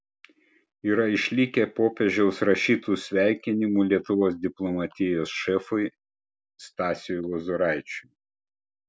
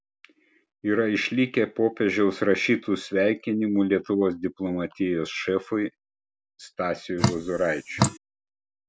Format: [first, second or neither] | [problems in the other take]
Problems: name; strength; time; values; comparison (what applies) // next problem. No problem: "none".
first | background sound (Drip); as loud as the speech